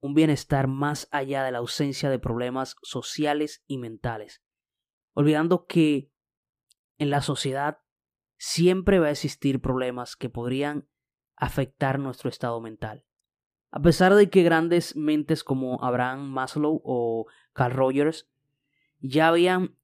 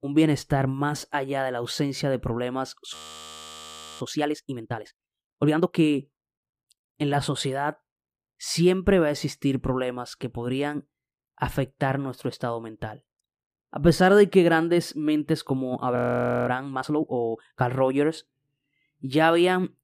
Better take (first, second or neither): first